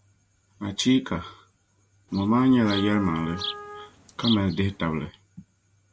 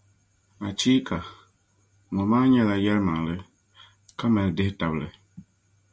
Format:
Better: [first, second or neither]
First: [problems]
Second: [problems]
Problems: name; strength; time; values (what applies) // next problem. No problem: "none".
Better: second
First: background sound (Insect + Trumpet); 11 dB below the speech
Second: none